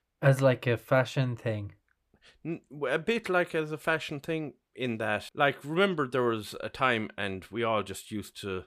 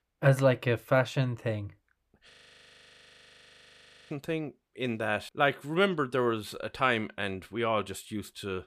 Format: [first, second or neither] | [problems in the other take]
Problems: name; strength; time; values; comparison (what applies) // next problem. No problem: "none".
first | audio freezing; at 2.5 s for 2 s